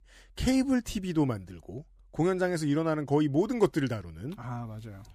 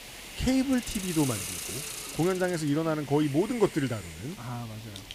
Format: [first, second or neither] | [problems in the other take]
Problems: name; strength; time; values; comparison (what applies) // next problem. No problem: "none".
first | hiss; loud; throughout; 9 dB below the speech